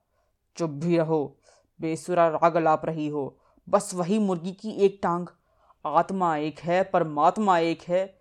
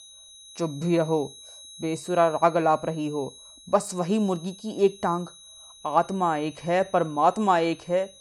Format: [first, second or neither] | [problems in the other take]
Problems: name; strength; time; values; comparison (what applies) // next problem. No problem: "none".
first | high-pitched whine; faint; throughout; 4 kHz, 20 dB below the speech